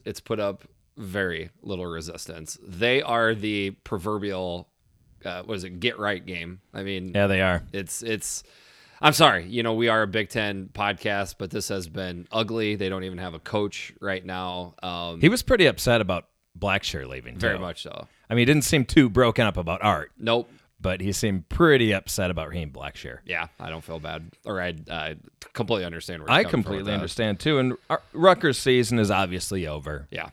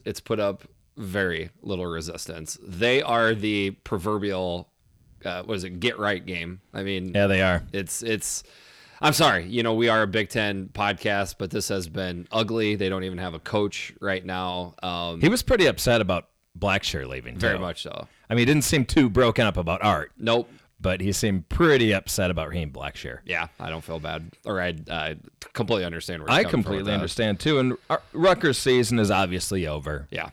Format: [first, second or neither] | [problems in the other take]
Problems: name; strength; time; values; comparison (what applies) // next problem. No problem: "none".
first | distortion; slight; 10 dB below the speech